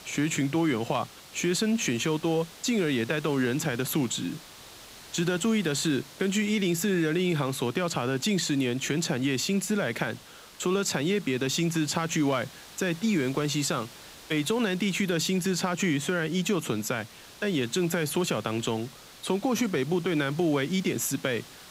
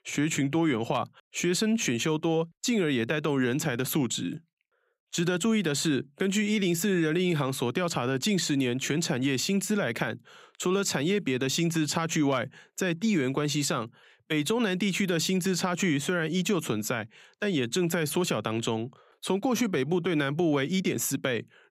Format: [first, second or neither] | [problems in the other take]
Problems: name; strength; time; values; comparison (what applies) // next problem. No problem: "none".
second | hiss; noticeable; throughout; 20 dB below the speech